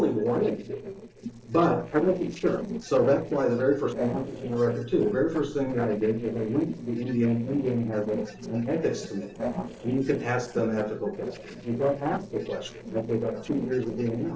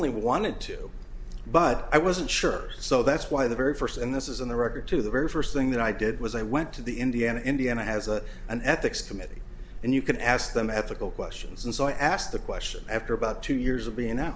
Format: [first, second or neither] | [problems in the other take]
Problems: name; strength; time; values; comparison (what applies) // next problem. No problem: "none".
second | noise reduction (neural separator model SepFormer DNS4)